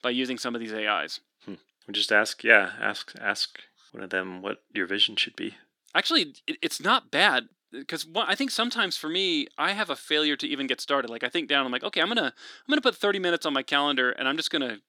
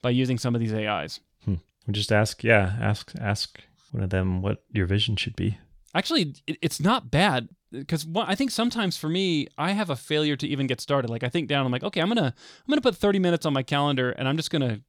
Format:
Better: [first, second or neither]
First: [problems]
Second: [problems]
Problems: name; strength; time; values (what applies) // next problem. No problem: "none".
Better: second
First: thin; somewhat; fading below 300 Hz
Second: none